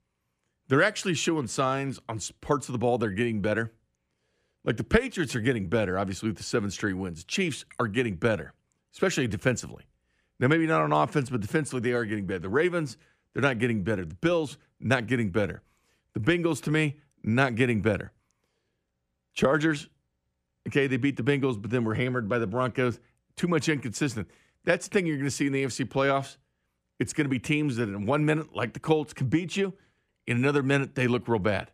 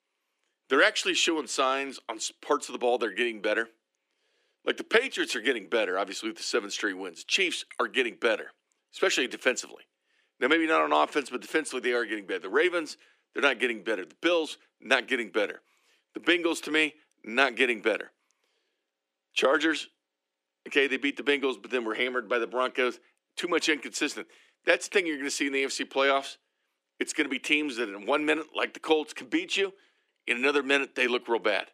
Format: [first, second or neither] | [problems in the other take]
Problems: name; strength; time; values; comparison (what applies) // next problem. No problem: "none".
first | thin; somewhat; fading below 300 Hz